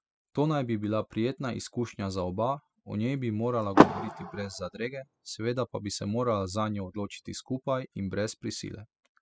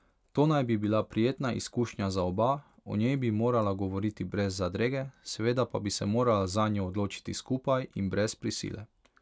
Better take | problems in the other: second | noise reduction (classical method spectral subtraction)

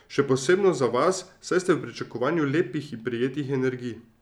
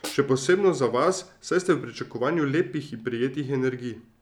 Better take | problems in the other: first | background sound (Snare drum); 19 dB below the speech

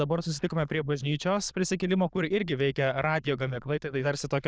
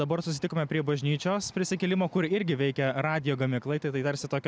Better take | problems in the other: second | noise reduction (neural diffusion model UNIVERSE++)

